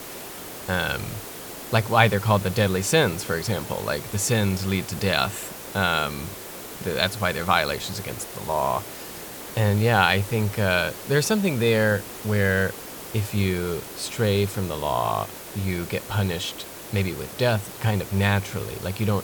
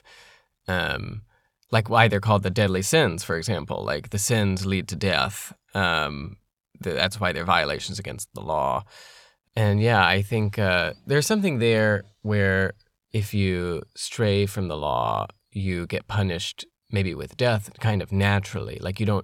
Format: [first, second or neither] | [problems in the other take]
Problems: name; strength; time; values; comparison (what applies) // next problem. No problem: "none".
second | hiss; noticeable; throughout; 10 dB below the speech